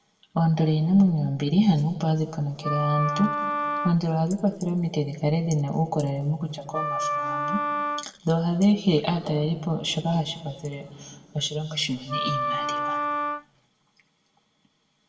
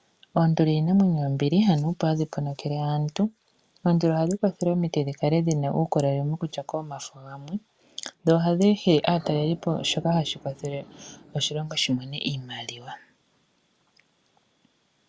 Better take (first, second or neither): second